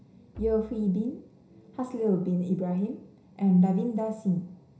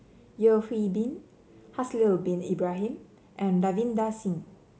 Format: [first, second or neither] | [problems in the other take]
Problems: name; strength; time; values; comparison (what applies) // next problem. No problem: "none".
second | background sound (Bowed string instrument); 18 dB below the speech // room echo; dies away in 0.5 s